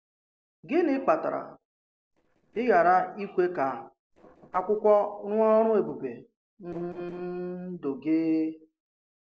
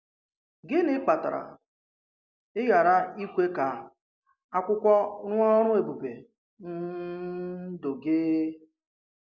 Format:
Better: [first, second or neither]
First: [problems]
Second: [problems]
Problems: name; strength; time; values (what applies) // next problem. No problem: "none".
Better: second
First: noise reduction (neural separator model SepFormer DNS4)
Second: none